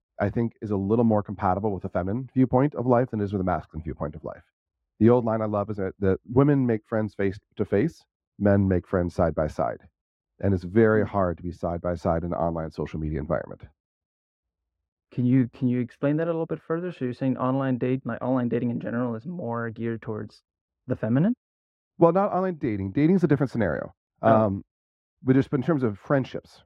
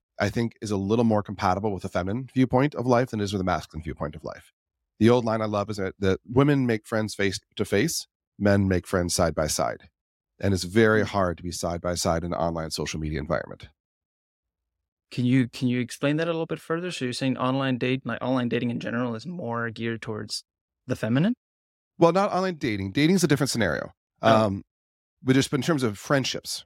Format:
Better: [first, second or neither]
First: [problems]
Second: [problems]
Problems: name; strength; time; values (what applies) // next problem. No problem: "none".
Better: second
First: muffled; very; fading above 3 kHz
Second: none